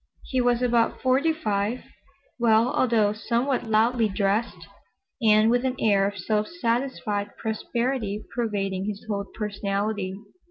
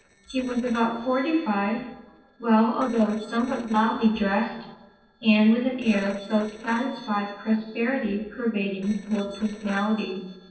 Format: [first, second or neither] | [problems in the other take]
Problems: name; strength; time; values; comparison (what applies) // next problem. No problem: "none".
first | noise reduction (neural separator model SepFormer DNS4)